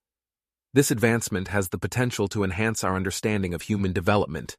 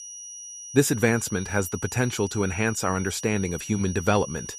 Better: first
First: none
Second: high-pitched whine; noticeable; throughout; 6 kHz, 10 dB below the speech

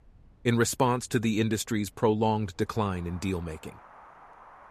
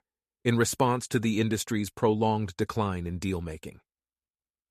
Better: second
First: wind in the background; faint; throughout; 25 dB below the speech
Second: none

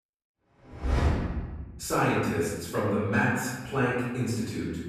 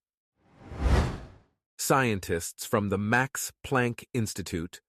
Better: second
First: off-mic speech; far // room echo; strong; dies away in 1.2 s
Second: none

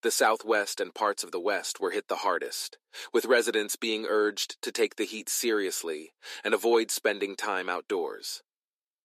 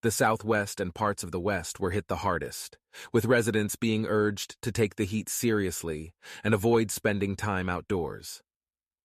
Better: second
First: thin; somewhat; fading below 300 Hz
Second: none

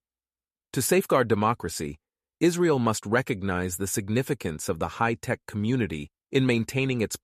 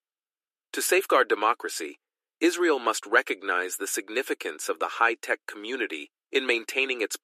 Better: first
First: none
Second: thin; very; fading below 300 Hz

